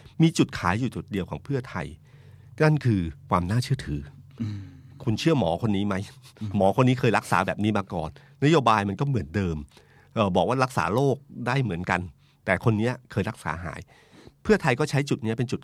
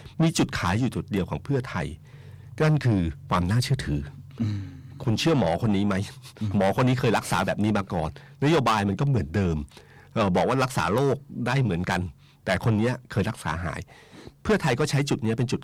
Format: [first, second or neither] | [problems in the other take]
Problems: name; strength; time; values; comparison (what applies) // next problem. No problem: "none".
first | distortion; heavy; 8 dB below the speech